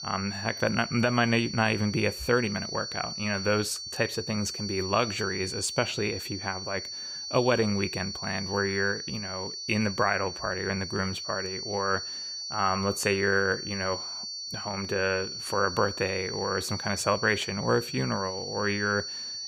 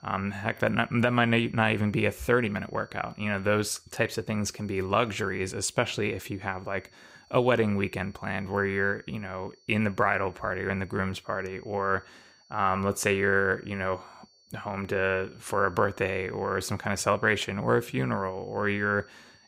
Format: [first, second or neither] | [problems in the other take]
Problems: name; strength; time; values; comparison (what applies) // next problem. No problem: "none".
second | high-pitched whine; loud; throughout; 4.5 kHz, 6 dB below the speech; faint in the second